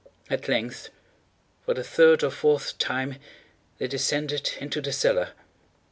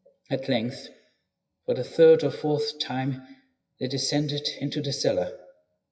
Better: first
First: none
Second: noise reduction (classical method WPE with log-MMSE)

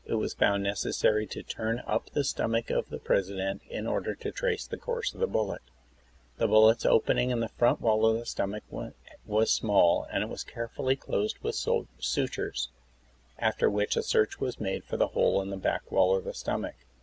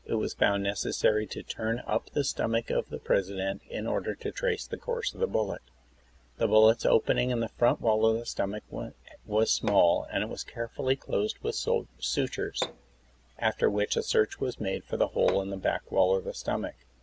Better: first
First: none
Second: background sound (Hammer); 13 dB below the speech

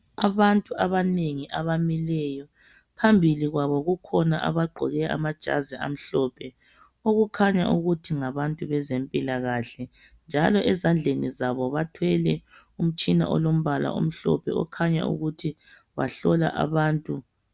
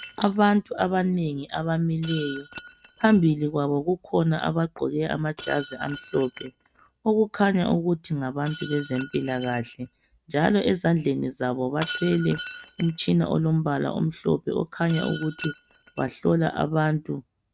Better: first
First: none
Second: noise reduction (neural mask model RNNoise)

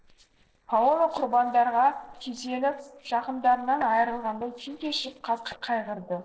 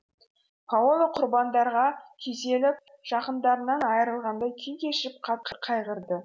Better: second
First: noise reduction (neural separator model SepFormer DNS4)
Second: none

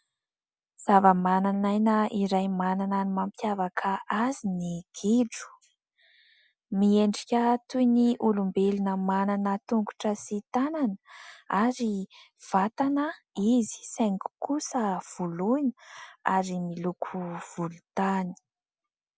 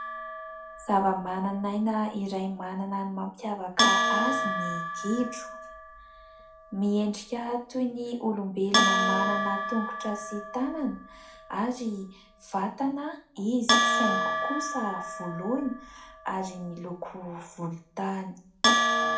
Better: first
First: none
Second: background sound (Bell); 1 dB above the speech // room echo; dies away in 0.4 s

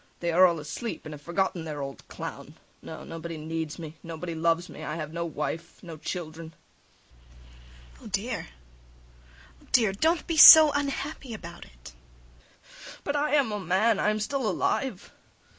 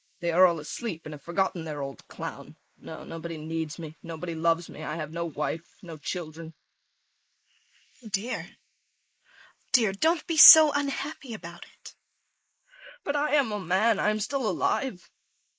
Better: first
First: none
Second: noise reduction (neural mask model Resemble Enhance denoiser)

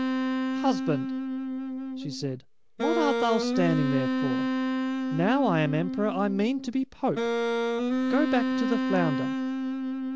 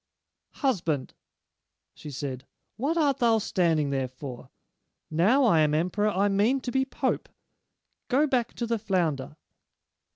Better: second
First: background sound (Wind instrument, woodwind instrument); 1 dB above the speech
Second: none

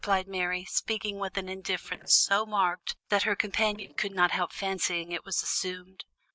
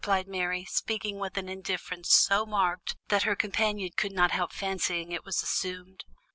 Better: second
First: noise reduction (neural mask model DeepFilterNet 3)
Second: none

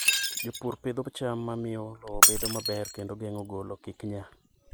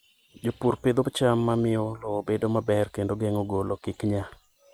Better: second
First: background sound (Shatter); 5 dB above the speech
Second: none

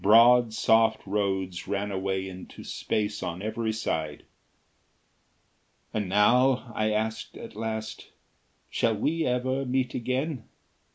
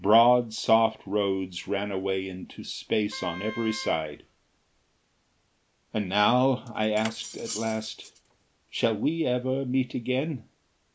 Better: first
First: none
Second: background sound (Wind instrument, woodwind instrument + Cutlery, silverware); 15 dB below the speech

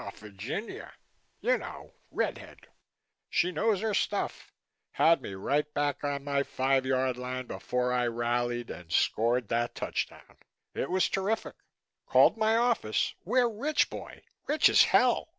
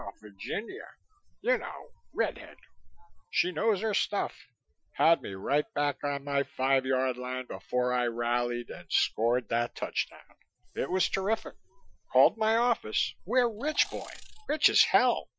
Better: first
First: none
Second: noise reduction (classical method Wiener filter)

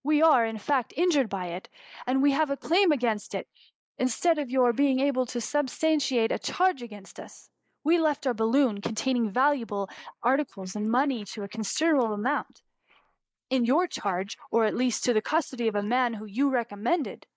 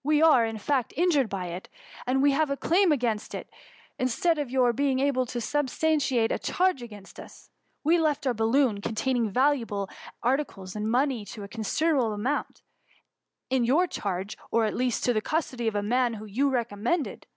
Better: second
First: noise reduction (neural mask model Resemble Enhance denoiser)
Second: none

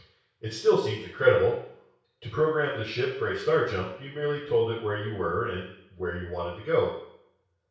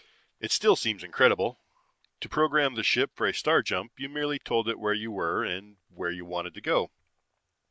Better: second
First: room echo; dies away in 0.6 s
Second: none

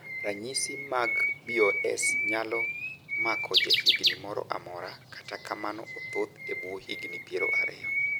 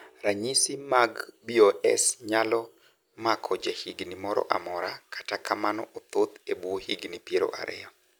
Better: second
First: background sound (Bird); 3 dB above the speech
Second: none

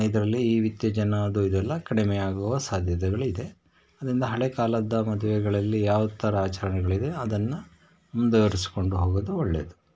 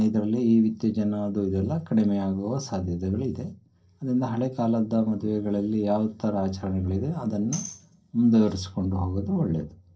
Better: first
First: none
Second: noise reduction (neural separator model SepFormer DNS4)

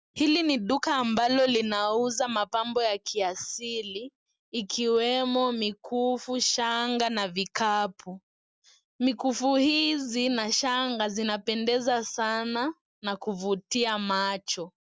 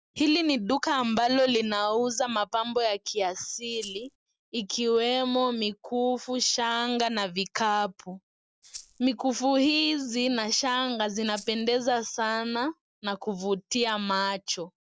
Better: first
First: none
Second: noise reduction (neural separator model SepFormer DNS4)

